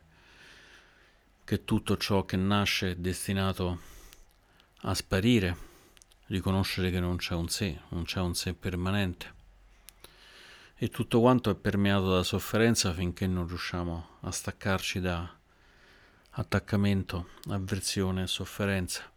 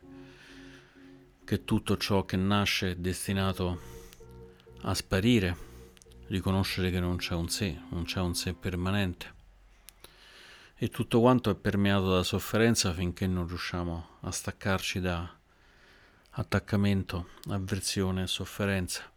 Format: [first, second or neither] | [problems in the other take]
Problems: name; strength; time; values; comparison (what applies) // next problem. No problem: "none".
first | background music; faint; until 9 s; 25 dB below the speech